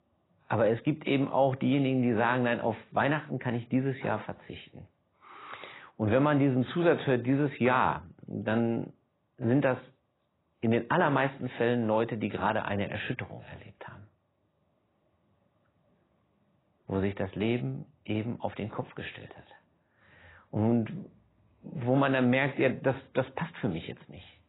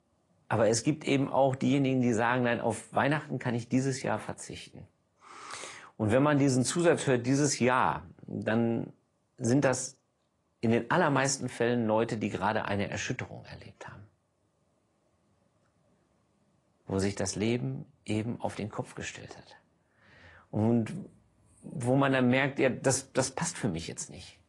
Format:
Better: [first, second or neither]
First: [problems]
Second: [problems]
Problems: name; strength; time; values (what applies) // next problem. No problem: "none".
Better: second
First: garbled, watery; badly; nothing above 4 kHz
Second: garbled, watery; slightly; nothing above 10.5 kHz